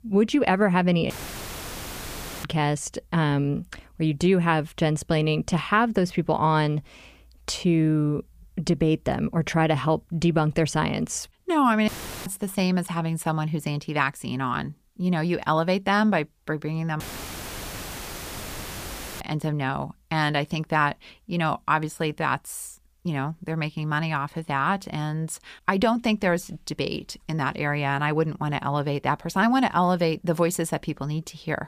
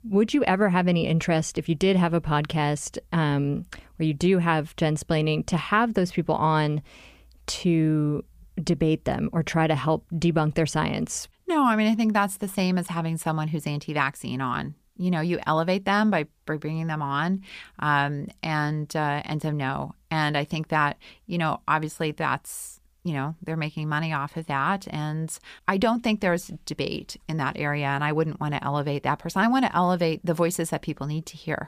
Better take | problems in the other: second | audio cutting out; filled with static; at 1 s for 1.5 s, at 12 s and at 17 s for 2 s

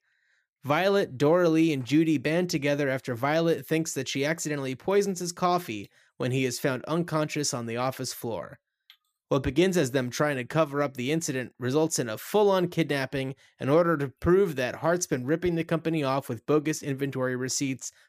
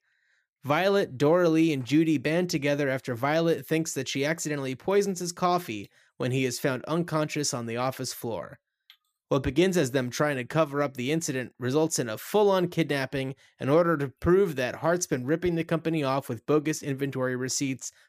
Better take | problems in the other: neither | none

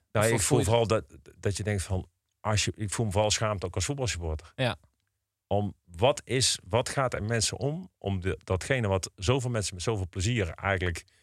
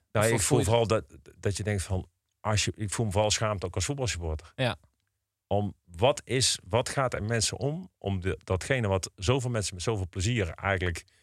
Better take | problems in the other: neither | none

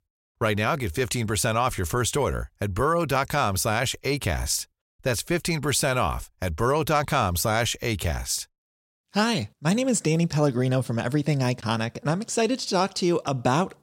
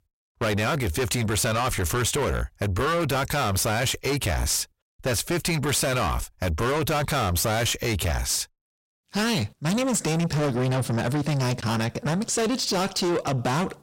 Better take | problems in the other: first | distortion; heavy; 6 dB below the speech

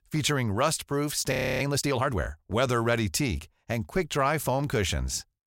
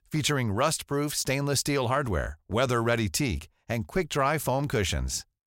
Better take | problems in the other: second | audio freezing; at 1.5 s

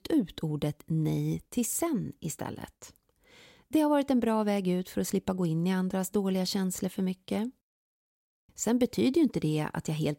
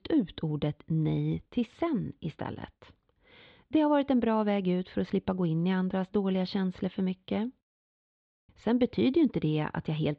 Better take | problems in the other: first | muffled; very; fading above 3.5 kHz

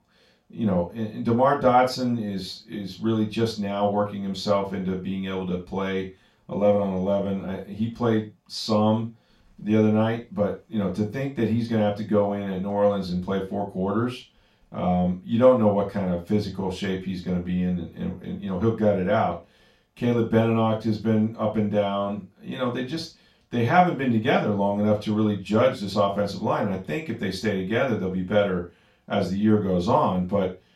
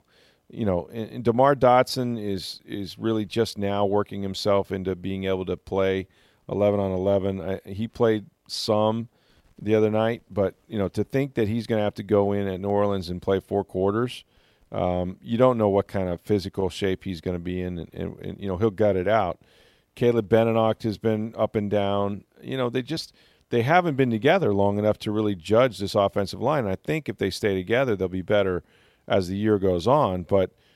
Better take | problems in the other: second | room echo; slight; dies away in 0.3 s // off-mic speech; far

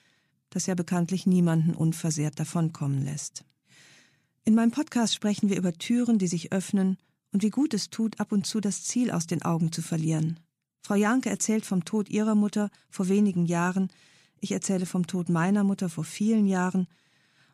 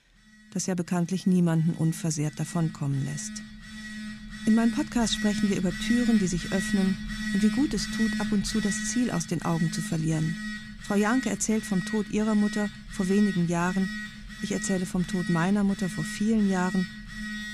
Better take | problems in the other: first | alarms or sirens; loud; throughout; 8 dB below the speech

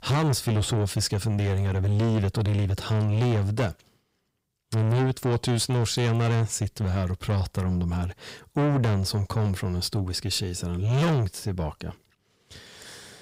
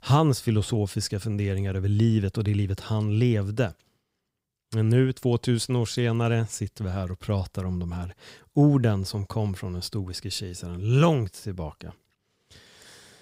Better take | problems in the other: second | distortion; heavy; 6 dB below the speech

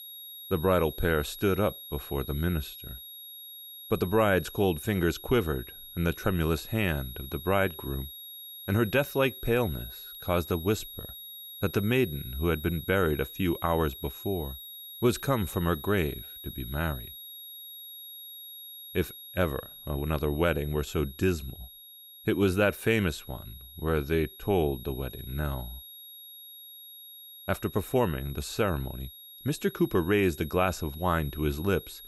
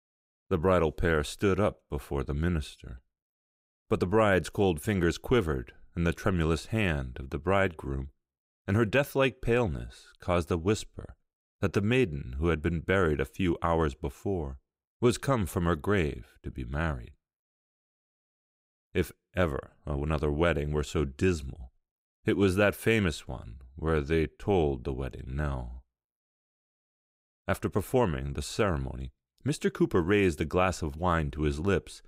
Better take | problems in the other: second | high-pitched whine; noticeable; throughout; 3.5 kHz, 15 dB below the speech

